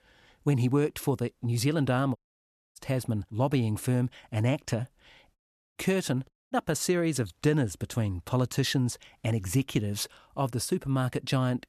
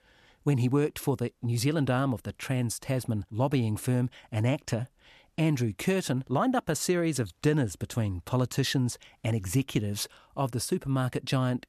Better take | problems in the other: second | audio cutting out; at 2 s for 0.5 s, at 5.5 s and at 6.5 s

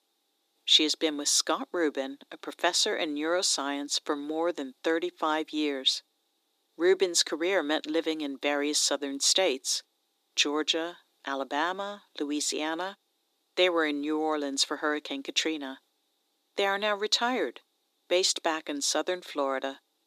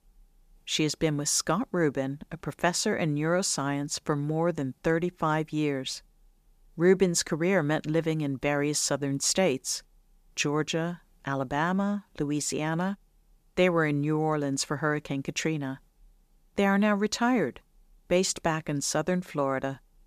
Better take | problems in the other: second | thin; somewhat; fading below 300 Hz

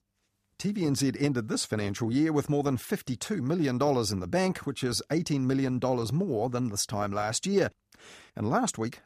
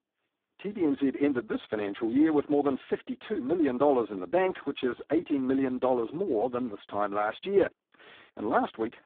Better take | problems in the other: first | phone-call audio; poor line

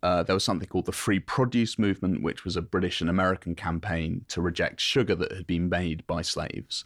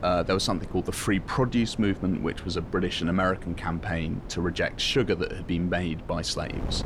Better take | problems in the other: first | wind noise on the microphone; occasional gusts; 15 dB below the speech

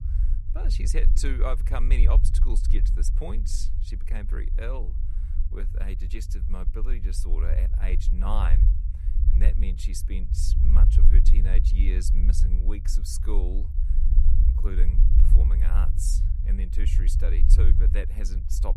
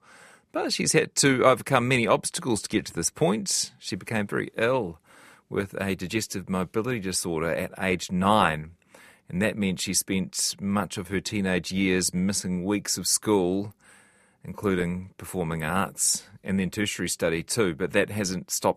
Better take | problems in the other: second | low rumble; loud; throughout; 6 dB below the speech

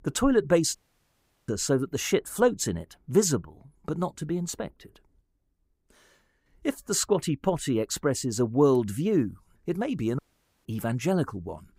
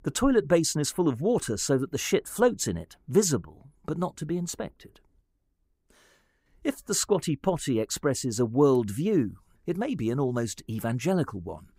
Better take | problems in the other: second | audio cutting out; at 1 s for 0.5 s and at 10 s

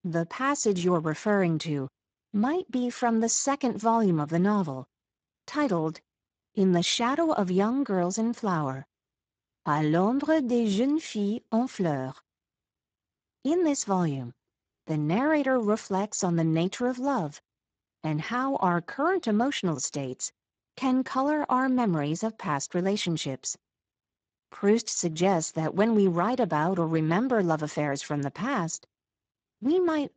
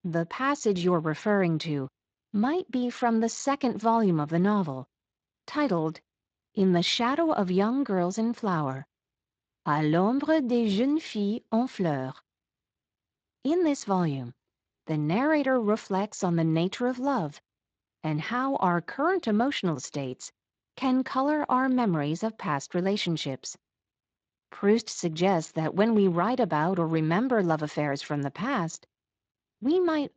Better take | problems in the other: second | garbled, watery; badly; nothing above 7.5 kHz; slightly in the second

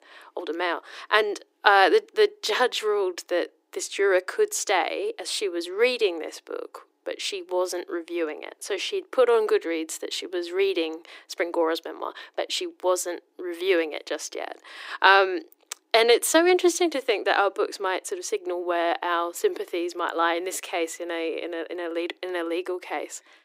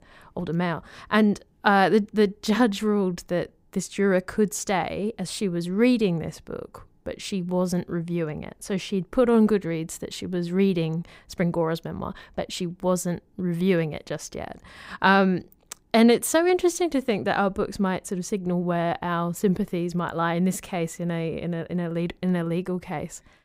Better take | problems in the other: second | thin; very; fading below 300 Hz

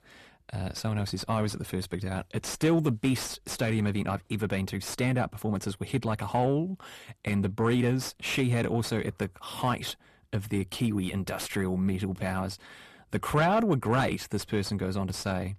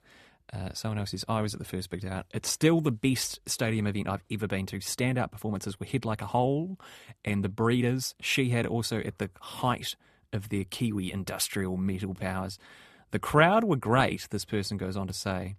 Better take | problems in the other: second | distortion; slight; 10 dB below the speech

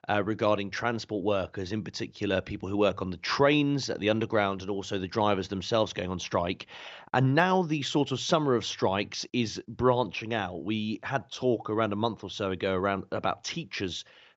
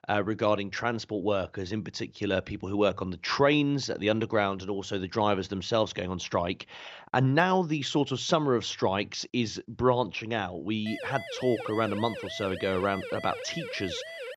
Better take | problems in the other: first | siren; noticeable; from 11 s on; peak 10 dB below the speech

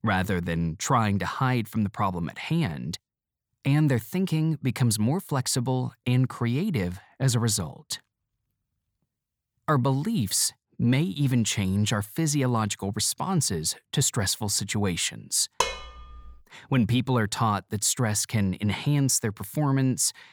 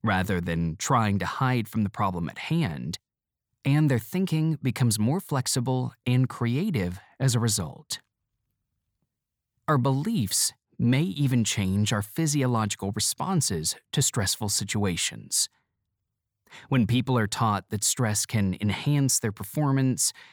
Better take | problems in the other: second | clattering dishes; noticeable; at 16 s; peak 2 dB below the speech

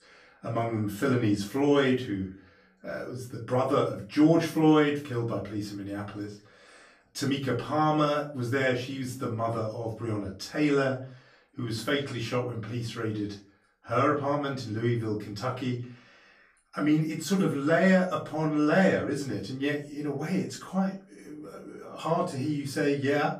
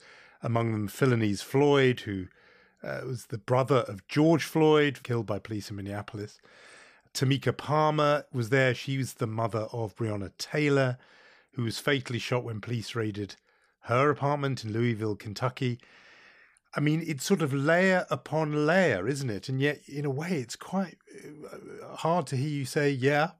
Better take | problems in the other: second | off-mic speech; far // room echo; slight; dies away in 0.3 s

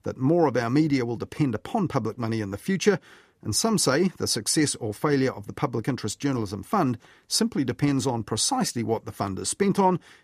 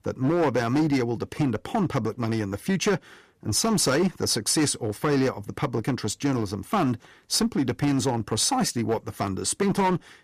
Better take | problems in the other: first | distortion; slight; 9% of the sound clipped

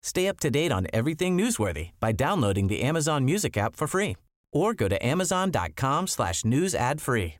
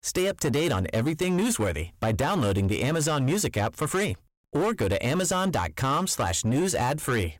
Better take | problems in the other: first | distortion; slight; 15% of the sound clipped

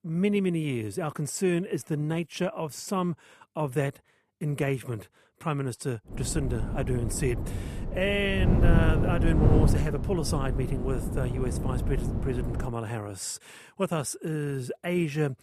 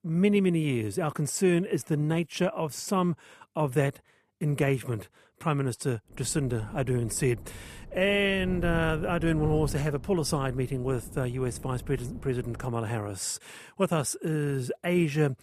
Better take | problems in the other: second | wind noise on the microphone; heavy; from 6 to 13 s; 5 dB below the speech; occasional gusts in the second

